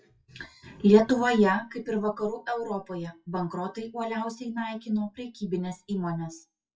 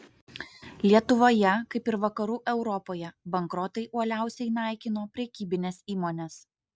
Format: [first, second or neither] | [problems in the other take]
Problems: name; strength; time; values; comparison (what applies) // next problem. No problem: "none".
second | noise reduction (classical method WPE with log-MMSE)